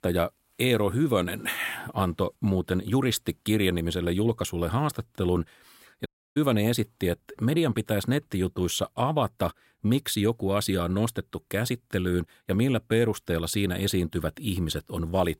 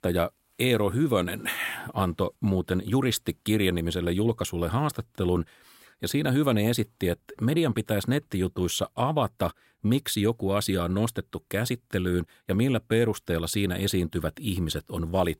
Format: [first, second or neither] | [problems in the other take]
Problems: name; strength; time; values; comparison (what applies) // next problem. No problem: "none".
second | audio cutting out; at 6 s